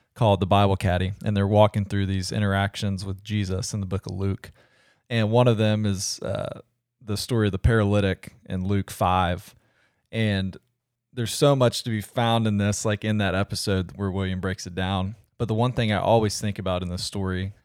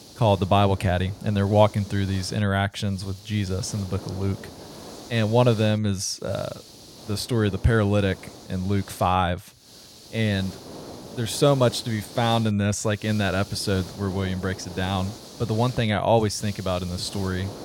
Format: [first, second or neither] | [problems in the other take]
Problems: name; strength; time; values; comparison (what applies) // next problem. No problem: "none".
first | hiss; noticeable; throughout; 15 dB below the speech